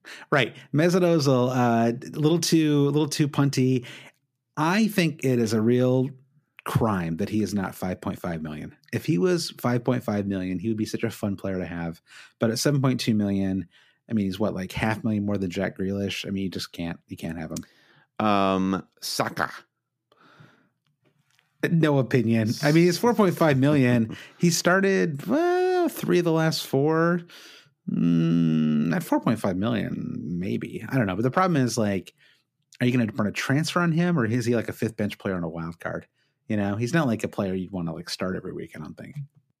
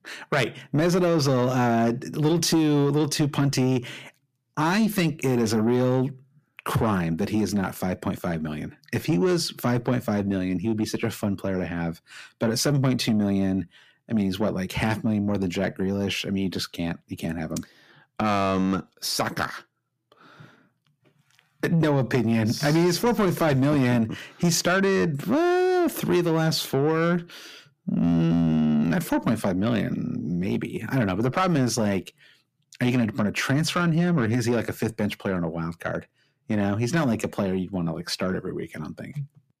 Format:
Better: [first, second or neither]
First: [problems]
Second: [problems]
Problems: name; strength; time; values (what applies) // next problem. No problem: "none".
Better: first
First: none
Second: distortion; slight; 10 dB below the speech